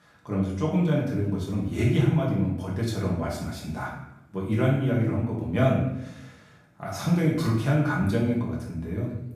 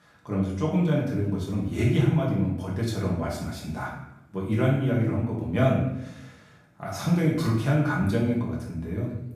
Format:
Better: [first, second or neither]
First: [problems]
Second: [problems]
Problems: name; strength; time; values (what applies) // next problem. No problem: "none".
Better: neither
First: off-mic speech; far // room echo; noticeable; dies away in 0.7 s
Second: off-mic speech; far // room echo; noticeable; dies away in 0.7 s